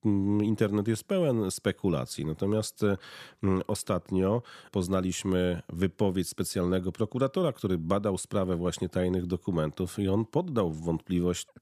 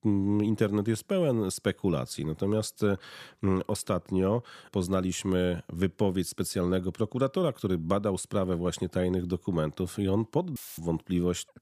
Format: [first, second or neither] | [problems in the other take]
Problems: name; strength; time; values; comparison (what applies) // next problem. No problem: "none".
first | audio cutting out; filled with static; at 11 s